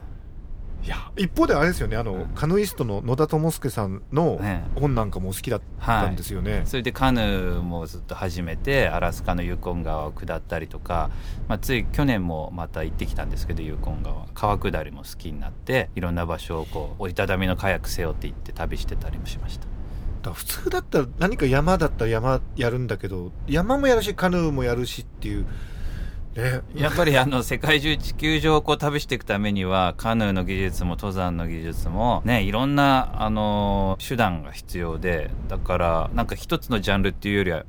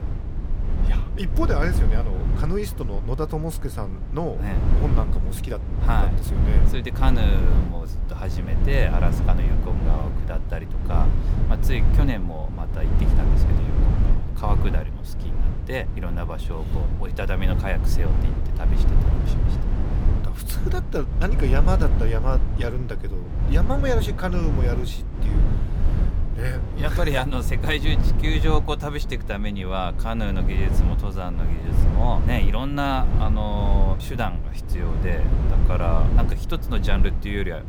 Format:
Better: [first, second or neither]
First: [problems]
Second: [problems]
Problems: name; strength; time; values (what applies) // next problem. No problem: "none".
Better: first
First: low rumble; faint; throughout; 25 dB below the speech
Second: low rumble; loud; throughout; 7 dB below the speech